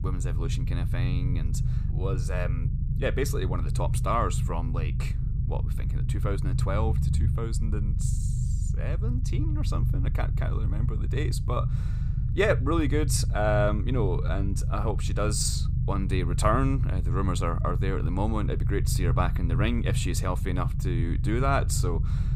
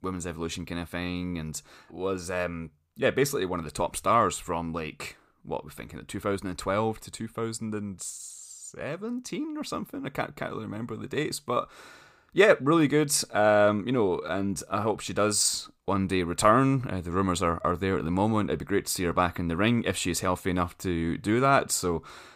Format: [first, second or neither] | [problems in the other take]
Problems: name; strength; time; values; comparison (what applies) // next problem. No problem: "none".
second | low rumble; noticeable; throughout; 10 dB below the speech